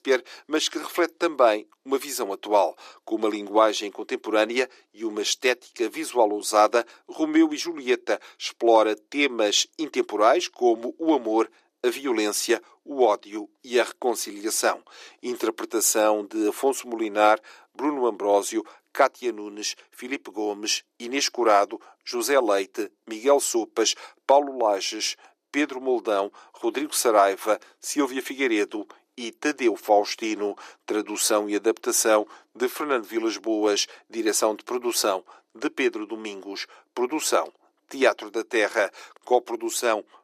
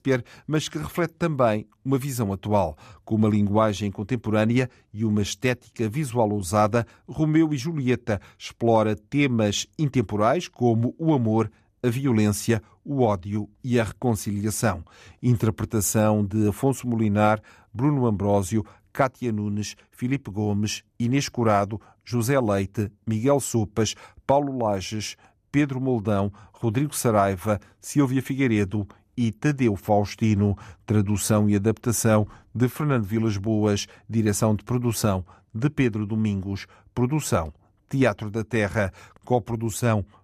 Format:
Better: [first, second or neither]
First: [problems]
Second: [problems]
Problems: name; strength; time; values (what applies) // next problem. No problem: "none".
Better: second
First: thin; very; fading below 350 Hz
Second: none